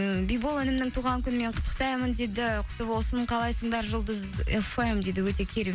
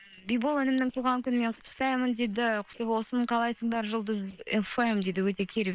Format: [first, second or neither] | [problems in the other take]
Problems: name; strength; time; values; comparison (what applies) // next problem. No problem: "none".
first | noise reduction (neural separator model SepFormer WHAM!)